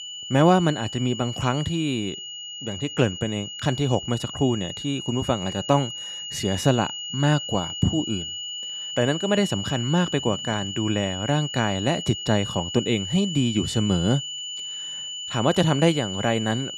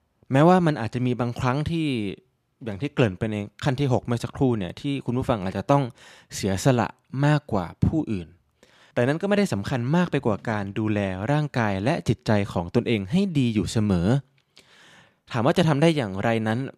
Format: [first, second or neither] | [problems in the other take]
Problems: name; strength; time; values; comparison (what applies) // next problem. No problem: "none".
second | high-pitched whine; loud; throughout; 3 kHz, 7 dB below the speech